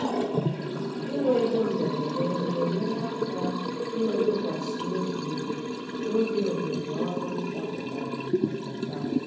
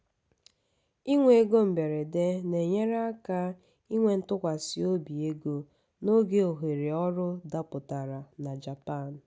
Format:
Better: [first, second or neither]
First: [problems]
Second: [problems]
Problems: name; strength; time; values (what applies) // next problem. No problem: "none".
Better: second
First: background sound (Liquid); 1 dB above the speech // room echo; dies away in 1.1 s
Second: none